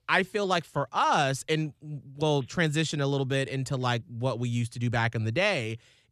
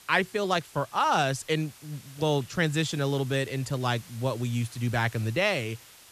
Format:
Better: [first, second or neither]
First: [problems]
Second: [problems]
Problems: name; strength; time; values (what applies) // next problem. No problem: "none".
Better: first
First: none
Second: hiss; faint; throughout; 20 dB below the speech